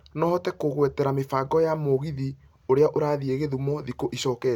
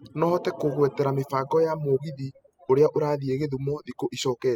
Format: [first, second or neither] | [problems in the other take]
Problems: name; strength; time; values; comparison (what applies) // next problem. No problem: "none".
first | noise reduction (classical method spectral subtraction)